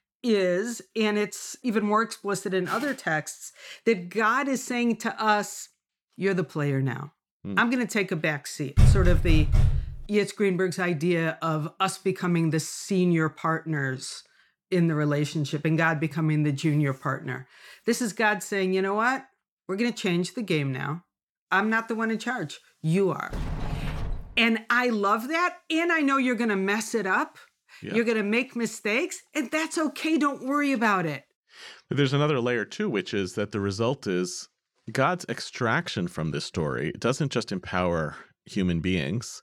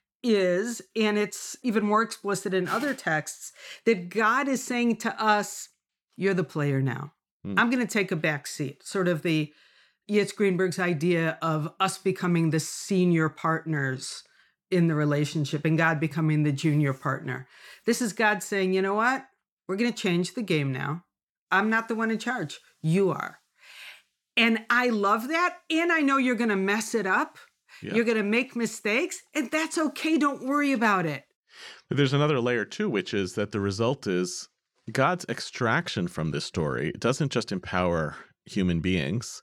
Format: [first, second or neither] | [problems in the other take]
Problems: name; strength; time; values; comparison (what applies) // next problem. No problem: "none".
second | door banging; loud; from 9 to 10 s; peak 6 dB above the speech // door banging; noticeable; from 23 to 24 s; peak 7 dB below the speech